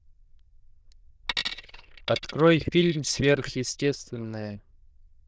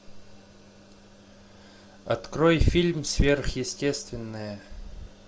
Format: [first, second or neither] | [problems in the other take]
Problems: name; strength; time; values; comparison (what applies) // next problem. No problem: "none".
second | noise reduction (neural diffusion model UNIVERSE++)